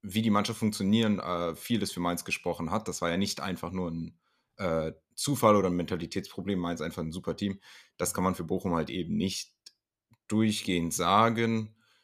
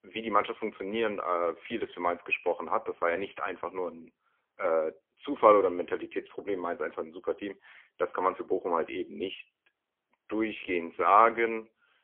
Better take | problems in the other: first | phone-call audio; poor line; nothing above 3.5 kHz

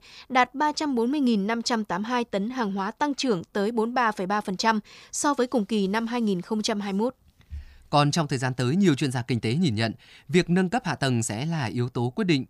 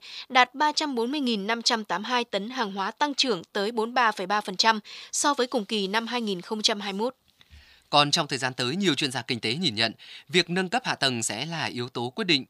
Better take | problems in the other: first | thin; very slightly; fading below 450 Hz

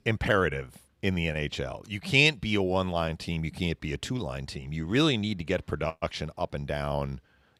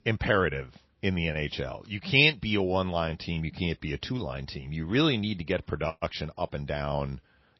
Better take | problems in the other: first | garbled, watery; slightly; nothing above 5.5 kHz

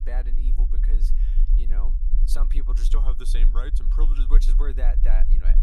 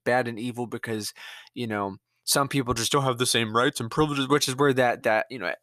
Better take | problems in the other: second | low rumble; loud; throughout; 9 dB below the speech

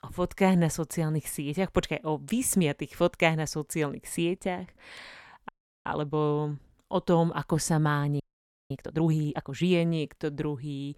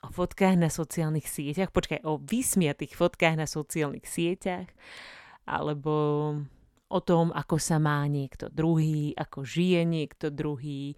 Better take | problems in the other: second | audio freezing; at 5.5 s and at 8 s for 0.5 s

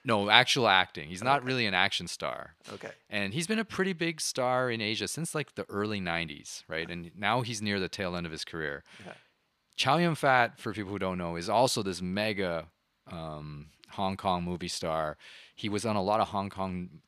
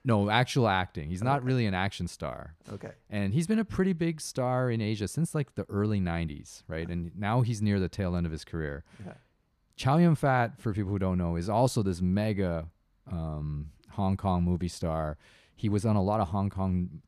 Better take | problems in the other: second | thin; somewhat; fading below 1 kHz

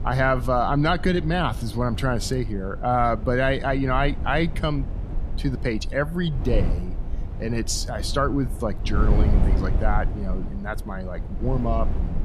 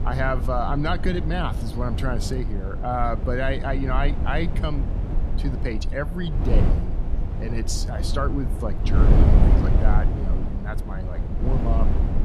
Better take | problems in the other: first | wind noise on the microphone; heavy; 6 dB below the speech; occasional gusts in the first

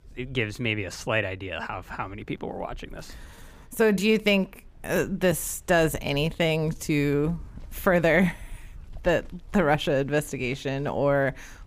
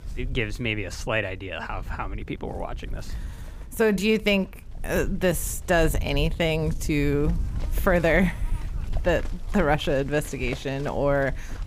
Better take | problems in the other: first | animal sounds; loud; throughout; 10 dB below the speech; faint in the first

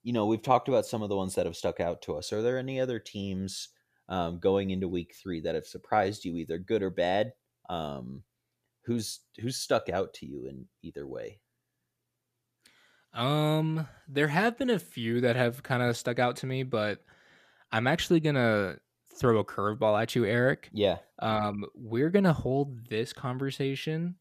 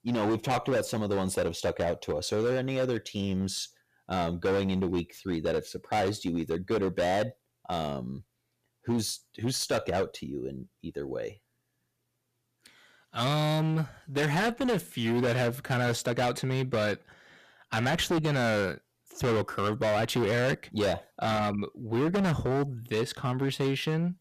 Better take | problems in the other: first | distortion; heavy; 15% of the sound clipped

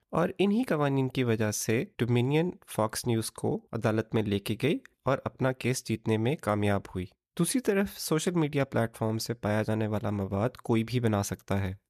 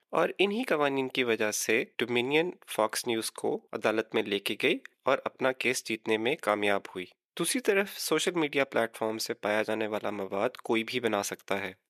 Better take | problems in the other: first | thin; somewhat; fading below 400 Hz

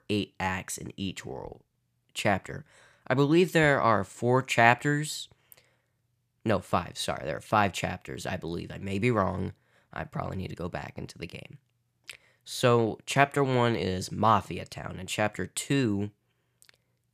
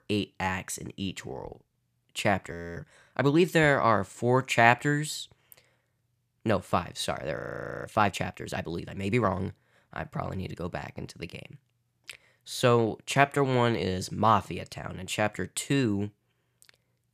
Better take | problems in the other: first | audio freezing; at 2.5 s and at 7.5 s

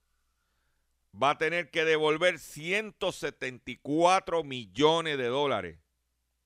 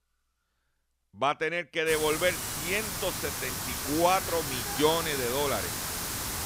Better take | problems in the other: first | hiss; loud; from 2 s on; 3 dB below the speech

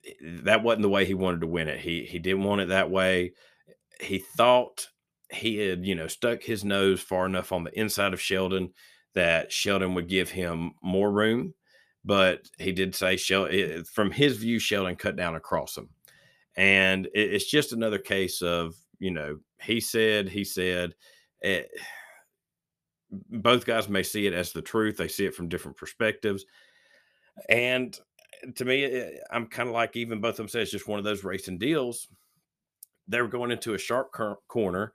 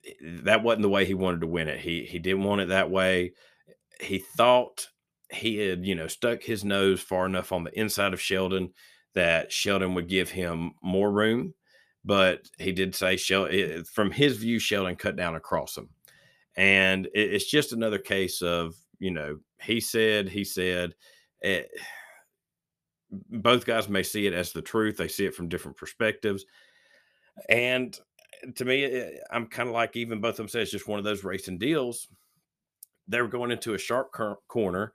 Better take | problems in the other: neither | none

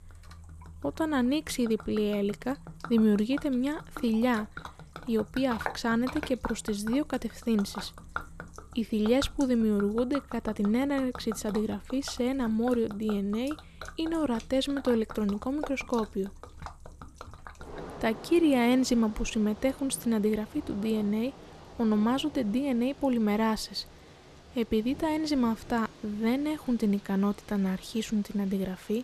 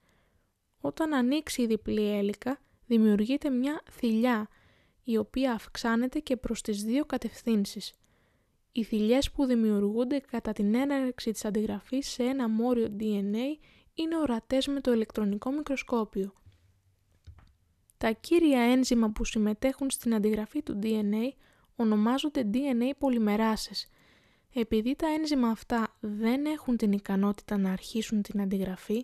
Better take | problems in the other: second | rain or running water; noticeable; throughout; 15 dB below the speech

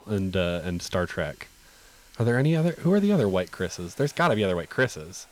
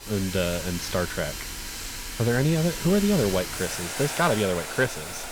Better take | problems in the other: first | household noises; loud; throughout; 6 dB below the speech; faint in the first

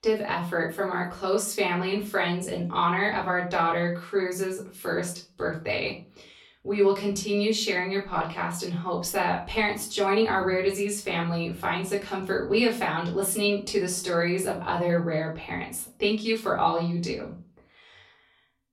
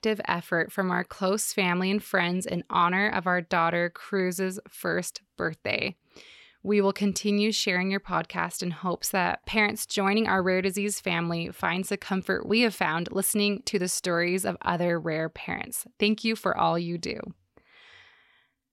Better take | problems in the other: second | off-mic speech; far // room echo; slight; dies away in 0.3 s

